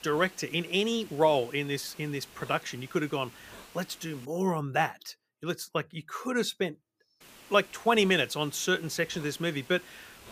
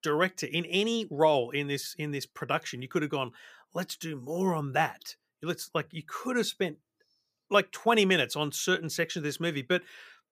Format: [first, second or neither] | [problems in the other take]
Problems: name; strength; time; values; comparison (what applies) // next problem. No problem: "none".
second | hiss; faint; until 4.5 s and from 7 s on; 20 dB below the speech